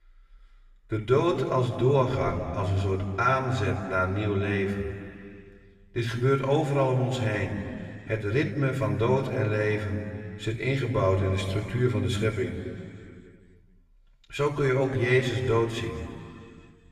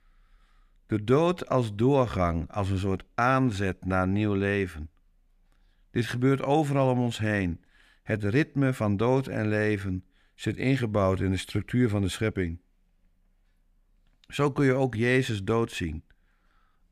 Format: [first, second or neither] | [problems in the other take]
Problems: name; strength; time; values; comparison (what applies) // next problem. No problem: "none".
second | room echo; noticeable; dies away in 2.3 s // off-mic speech; somewhat distant